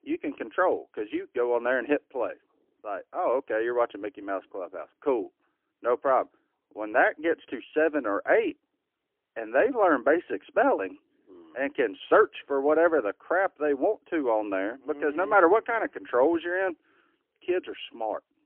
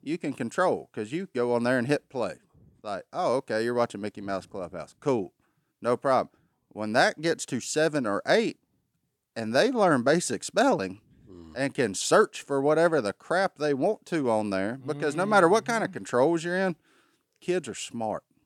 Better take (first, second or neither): second